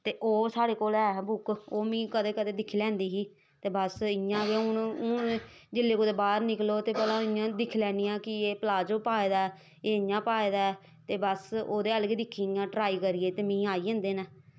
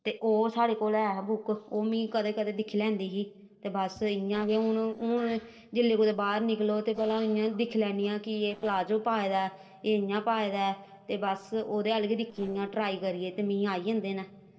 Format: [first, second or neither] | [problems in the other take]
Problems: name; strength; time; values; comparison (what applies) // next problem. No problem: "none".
first | noise reduction (neural separator model SepFormer DNS4)